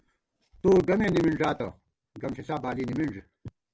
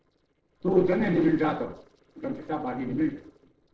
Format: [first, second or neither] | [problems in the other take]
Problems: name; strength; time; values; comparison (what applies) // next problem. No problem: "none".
first | noise reduction (neural separator model SepFormer DNS4)